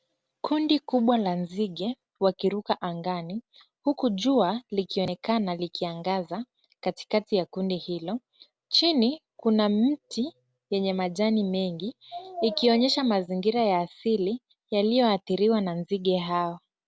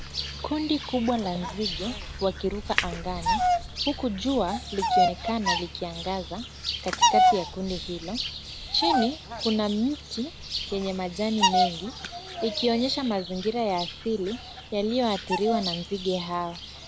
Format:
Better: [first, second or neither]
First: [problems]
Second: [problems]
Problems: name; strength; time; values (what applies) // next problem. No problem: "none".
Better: first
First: none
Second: background sound (Bird vocalization, bird call, bird song); as loud as the speech